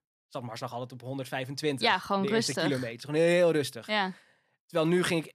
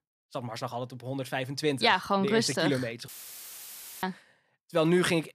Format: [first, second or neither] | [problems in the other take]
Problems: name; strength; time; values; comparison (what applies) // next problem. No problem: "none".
first | audio cutting out; filled with static; at 3 s for 1 s